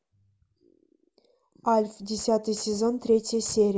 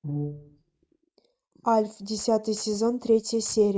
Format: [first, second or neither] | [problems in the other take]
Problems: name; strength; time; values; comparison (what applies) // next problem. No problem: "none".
first | noise reduction (neural mask model RNNoise)